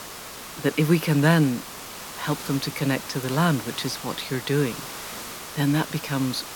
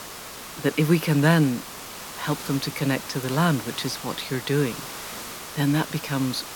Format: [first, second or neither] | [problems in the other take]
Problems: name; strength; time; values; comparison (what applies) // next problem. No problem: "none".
neither | hiss; noticeable; throughout; 10 dB below the speech; the same in both